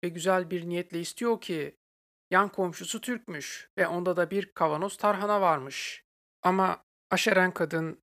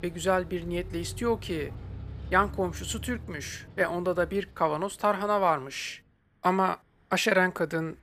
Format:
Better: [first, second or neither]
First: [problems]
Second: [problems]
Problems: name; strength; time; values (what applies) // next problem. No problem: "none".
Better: first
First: none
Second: traffic noise; noticeable; throughout; 15 dB below the speech